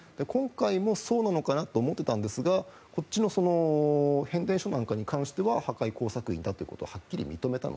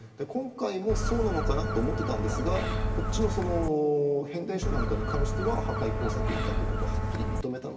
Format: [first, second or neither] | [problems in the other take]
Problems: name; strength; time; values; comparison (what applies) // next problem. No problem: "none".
first | background sound (Gull, seagull); 3 dB above the speech // room echo; dies away in 2.2 s